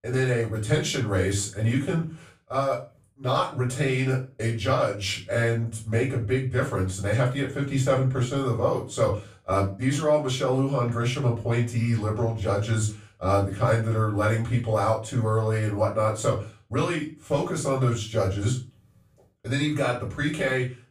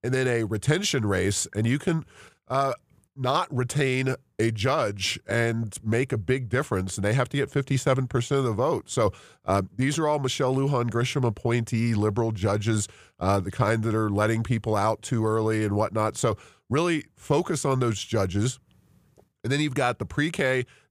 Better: second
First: room echo; slight; dies away in 0.3 s // off-mic speech; far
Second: none

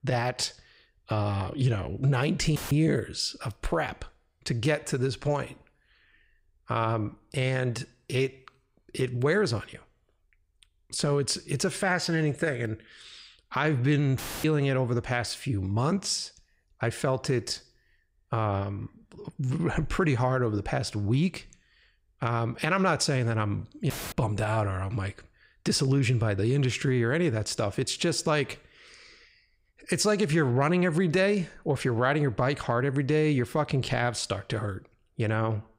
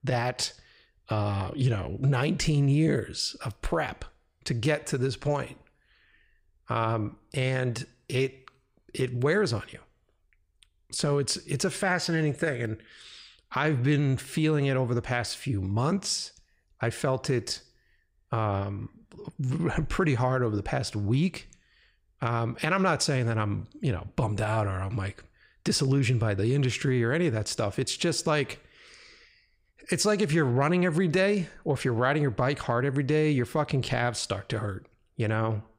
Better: second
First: audio cutting out; filled with static; at 2.5 s, at 14 s and at 24 s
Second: none

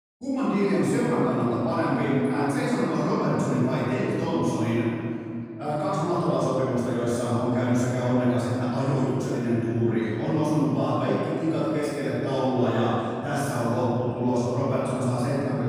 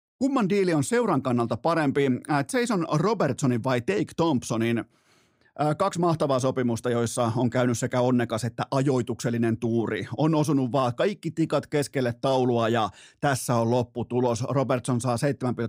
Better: second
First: off-mic speech; far // room echo; strong; dies away in 2.5 s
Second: none

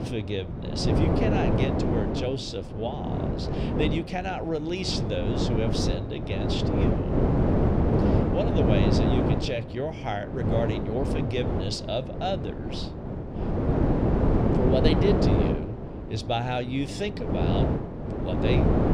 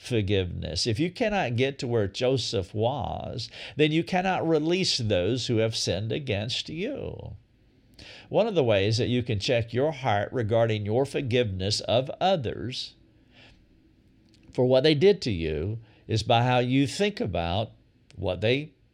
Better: second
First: wind noise on the microphone; heavy; 1 dB above the speech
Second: none

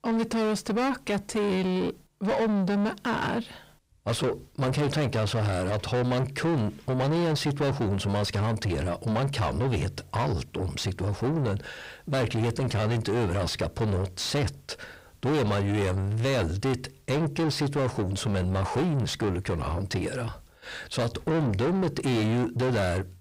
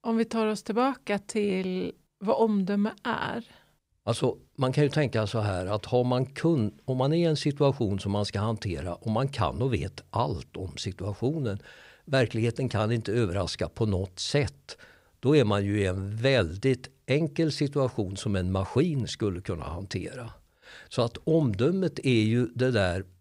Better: second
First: distortion; heavy; 6 dB below the speech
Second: none

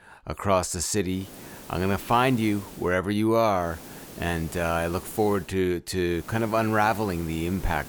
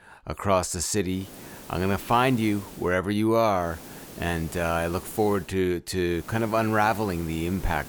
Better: neither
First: hiss; noticeable; from 1 to 3 s, from 3.5 to 5.5 s and from 6 s on; 15 dB below the speech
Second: hiss; noticeable; from 1 to 3 s, from 3.5 to 5.5 s and from 6 s on; 15 dB below the speech

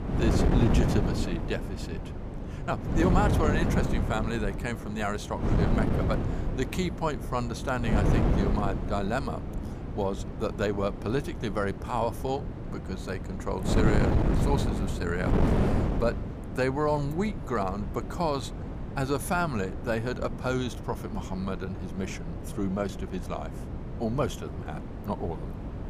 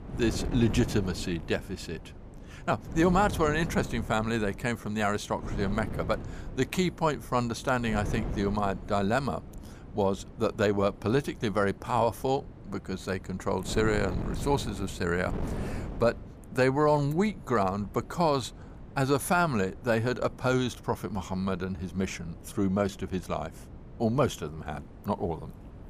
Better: second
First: wind noise on the microphone; heavy; 5 dB below the speech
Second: wind noise on the microphone; occasional gusts; 15 dB below the speech

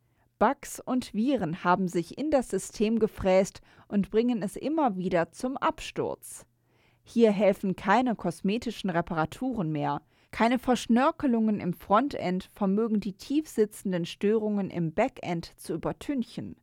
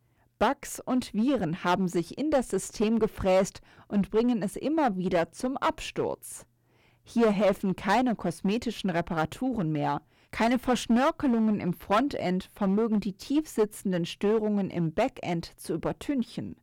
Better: first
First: none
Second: distortion; slight; 5% of the sound clipped

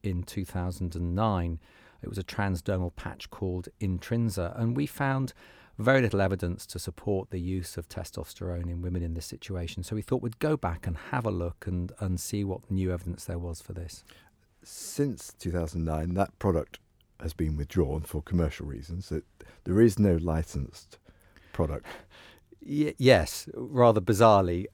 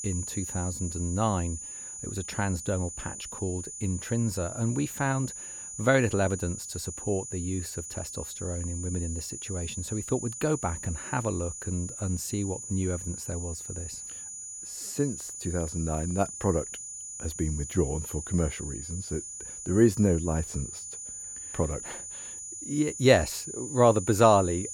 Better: first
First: none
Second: high-pitched whine; loud; throughout; 7 kHz, 8 dB below the speech

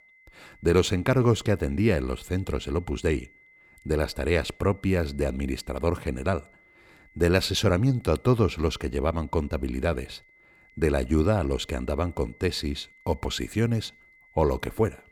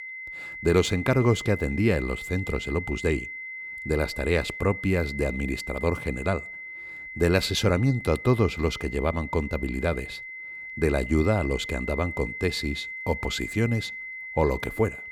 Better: first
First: high-pitched whine; faint; throughout; 2 kHz, 30 dB below the speech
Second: high-pitched whine; loud; throughout; 2 kHz, 9 dB below the speech

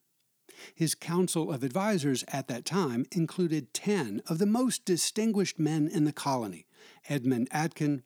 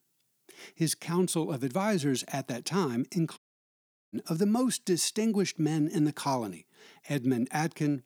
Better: first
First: none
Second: audio cutting out; at 3.5 s for 0.5 s

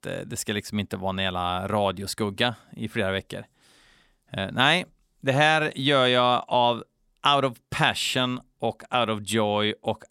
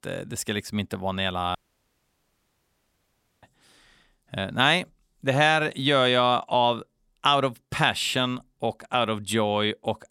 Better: first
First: none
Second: audio cutting out; at 1.5 s for 2 s

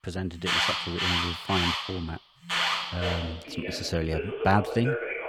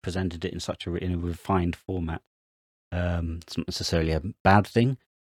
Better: second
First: alarms or sirens; very loud; throughout; 2 dB above the speech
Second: none

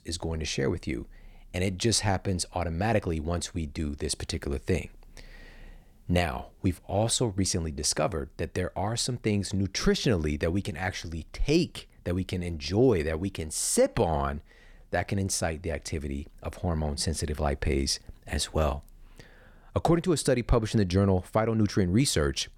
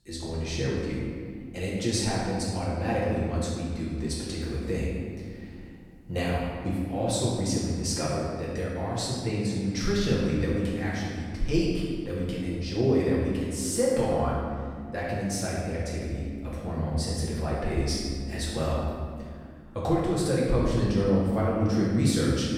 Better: first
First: none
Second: room echo; strong; dies away in 2 s // off-mic speech; far

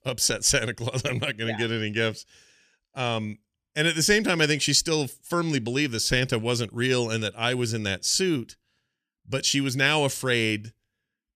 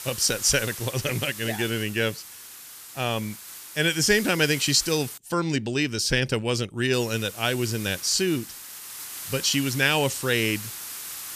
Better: first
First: none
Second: hiss; noticeable; until 5 s and from 7 s on; 10 dB below the speech

